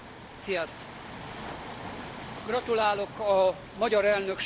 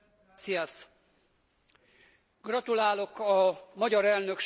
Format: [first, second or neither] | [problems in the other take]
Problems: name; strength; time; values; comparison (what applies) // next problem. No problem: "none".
second | background sound (Waves, surf); 12 dB below the speech